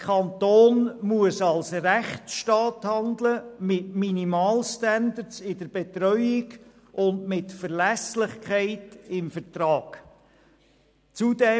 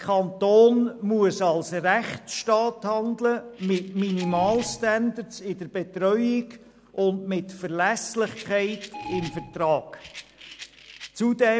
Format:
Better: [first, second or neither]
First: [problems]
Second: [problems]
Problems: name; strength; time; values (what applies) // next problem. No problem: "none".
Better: first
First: none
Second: background sound (Alarm + Rattle); 17 dB below the speech